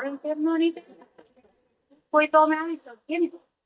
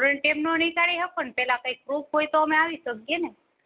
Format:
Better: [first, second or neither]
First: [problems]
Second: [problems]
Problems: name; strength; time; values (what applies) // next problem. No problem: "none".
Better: second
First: noise reduction (neural mask model DeepFilterNet 3)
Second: none